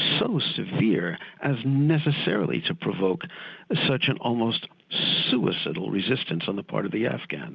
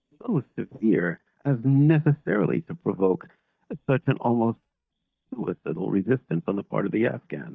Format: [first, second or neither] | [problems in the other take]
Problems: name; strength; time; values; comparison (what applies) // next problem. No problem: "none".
first | noise reduction (neural mask model DeepFilterNet 3)